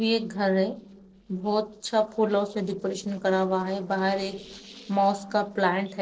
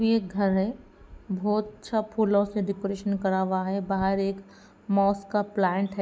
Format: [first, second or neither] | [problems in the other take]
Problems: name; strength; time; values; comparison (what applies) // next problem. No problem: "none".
second | noise reduction (neural separator model SepFormer DNS4)